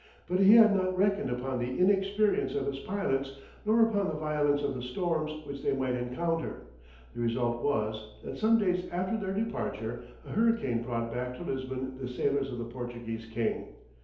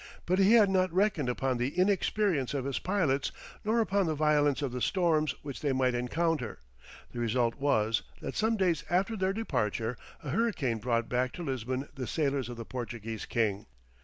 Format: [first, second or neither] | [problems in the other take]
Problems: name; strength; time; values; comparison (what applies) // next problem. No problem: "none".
second | room echo; dies away in 2.2 s